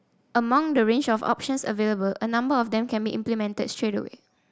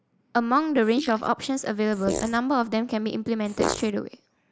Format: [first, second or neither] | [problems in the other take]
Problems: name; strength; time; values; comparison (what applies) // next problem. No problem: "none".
first | noise reduction (neural mask model Resemble Enhance denoiser)